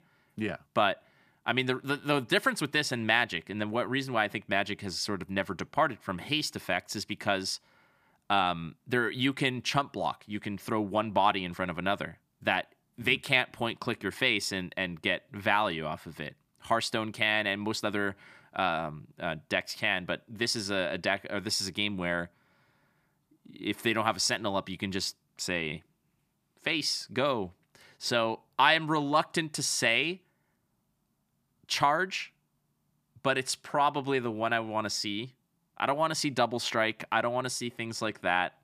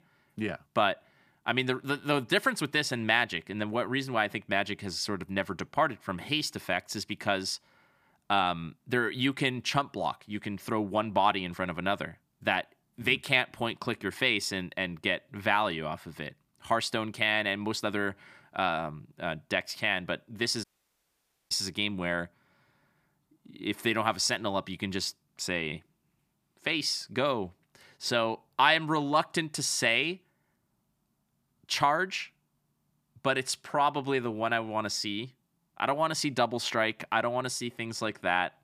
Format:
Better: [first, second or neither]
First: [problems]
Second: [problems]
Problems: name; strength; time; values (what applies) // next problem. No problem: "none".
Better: first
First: none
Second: audio cutting out; at 21 s for 1 s